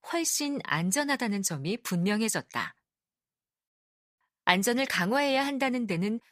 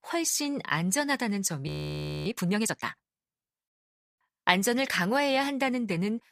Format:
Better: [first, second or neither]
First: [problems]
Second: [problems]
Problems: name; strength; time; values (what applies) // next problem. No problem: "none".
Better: first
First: none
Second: audio freezing; at 1.5 s for 0.5 s